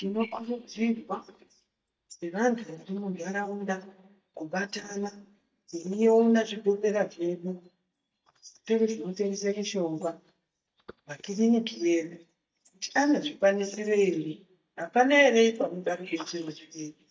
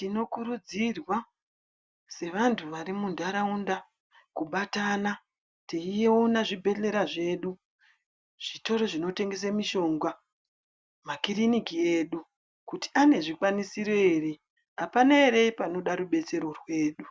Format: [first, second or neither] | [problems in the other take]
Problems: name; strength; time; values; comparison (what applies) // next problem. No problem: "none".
second | noise reduction (neural mask model DeepFilterNet 3)